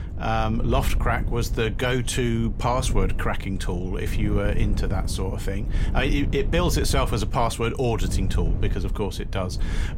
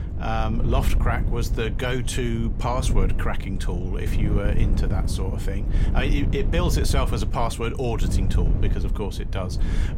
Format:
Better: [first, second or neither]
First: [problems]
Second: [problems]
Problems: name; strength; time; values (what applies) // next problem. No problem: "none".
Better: first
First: wind noise on the microphone; occasional gusts; 15 dB below the speech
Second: wind noise on the microphone; heavy; 9 dB below the speech